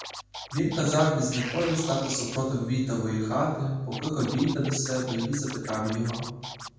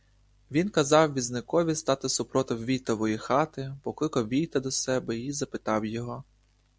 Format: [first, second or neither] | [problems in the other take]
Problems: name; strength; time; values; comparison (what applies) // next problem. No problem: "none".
second | background sound (Scratching (performance technique)); 13 dB below the speech // room echo; dies away in 1.2 s